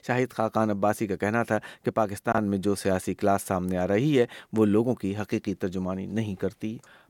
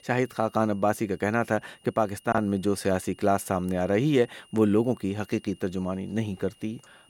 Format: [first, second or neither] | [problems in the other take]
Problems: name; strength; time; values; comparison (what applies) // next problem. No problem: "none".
first | high-pitched whine; faint; throughout; 3 kHz, 30 dB below the speech